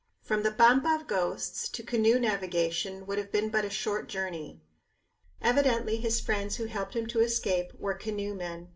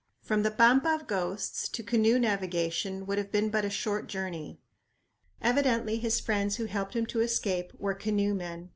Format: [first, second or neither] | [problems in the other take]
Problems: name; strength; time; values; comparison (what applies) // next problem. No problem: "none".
second | room echo; dies away in 0.2 s